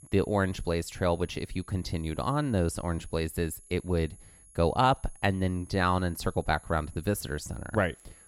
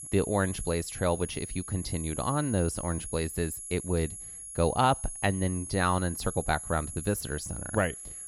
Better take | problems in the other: first | high-pitched whine; loud; throughout; 11 kHz, 8 dB below the speech; faint in the first

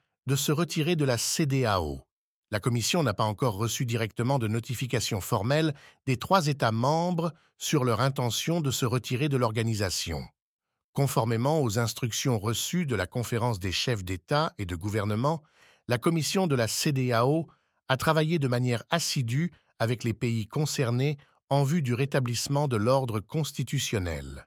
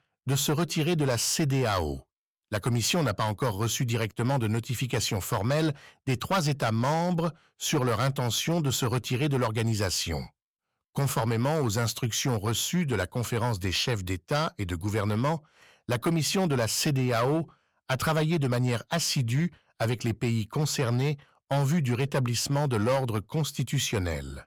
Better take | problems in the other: first | distortion; slight; 7% of the sound clipped

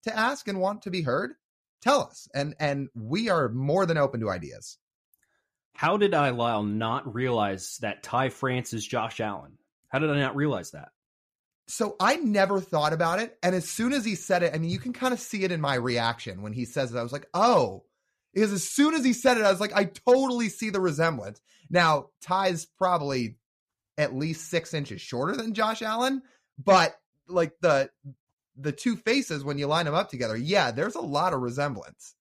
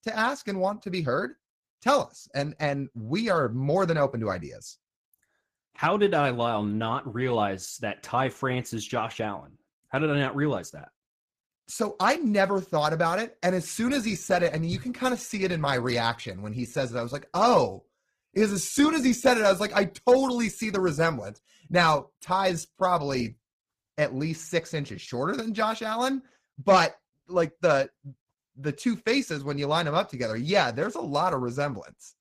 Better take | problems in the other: first | garbled, watery; slightly; nothing above 14.5 kHz

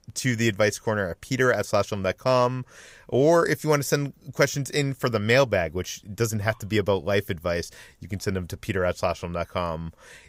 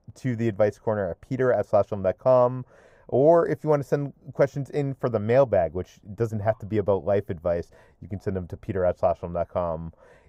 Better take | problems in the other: first | muffled; very; fading above 2 kHz

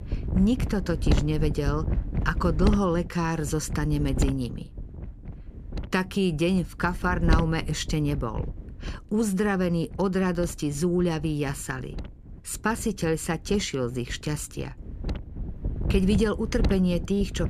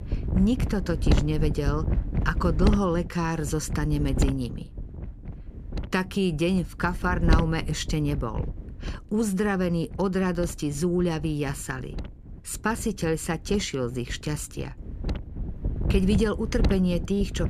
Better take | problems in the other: first | wind noise on the microphone; heavy; 10 dB below the speech; occasional gusts in the first

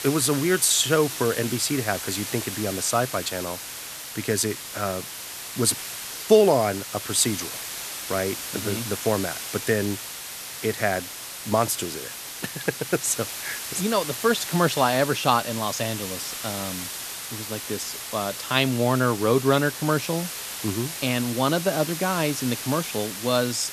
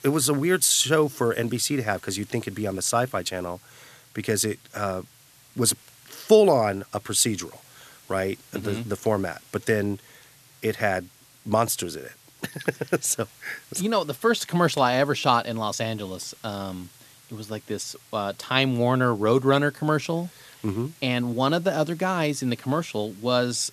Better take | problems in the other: second | hiss; loud; throughout; 7 dB below the speech; faint in the second

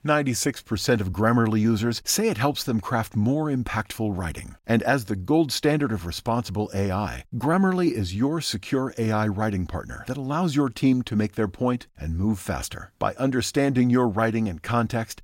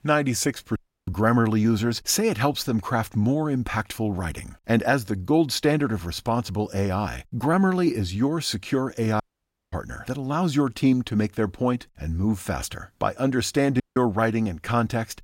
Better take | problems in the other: first | audio cutting out; at 1 s, at 9 s for 0.5 s and at 14 s

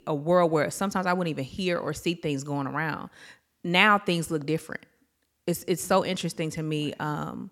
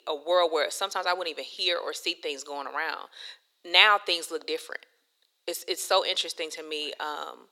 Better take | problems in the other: first | thin; very; fading below 400 Hz

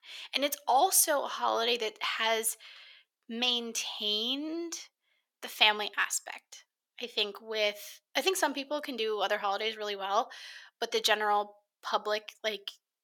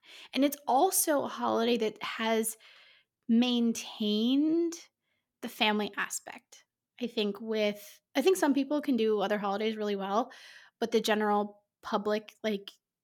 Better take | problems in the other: second | thin; somewhat; fading below 600 Hz

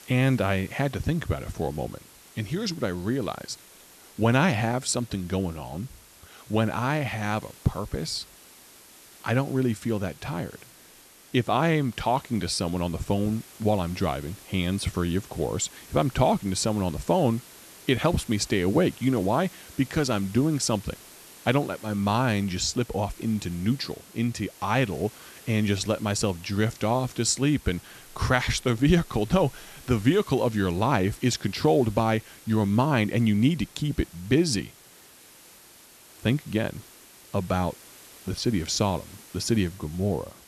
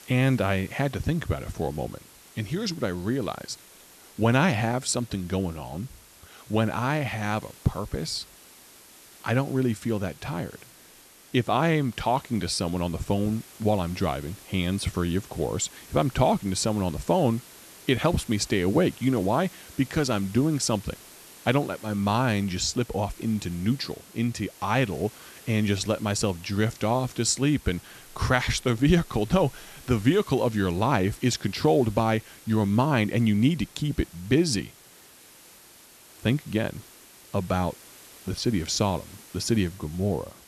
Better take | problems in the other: neither | hiss; faint; throughout; 20 dB below the speech; the same in both

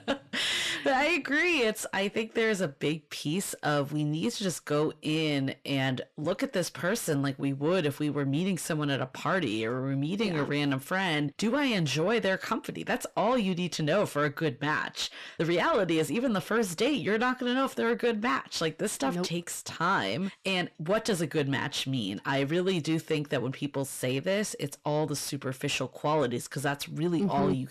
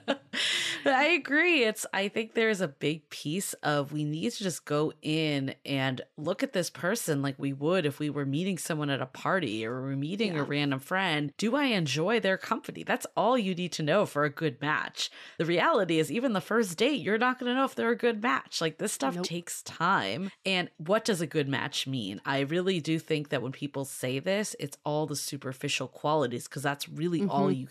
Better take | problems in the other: second | distortion; slight; 10 dB below the speech

